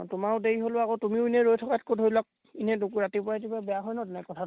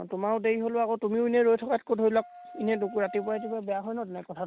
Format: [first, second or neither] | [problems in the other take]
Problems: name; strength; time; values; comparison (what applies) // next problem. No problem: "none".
first | background sound (Wind instrument, woodwind instrument); 17 dB below the speech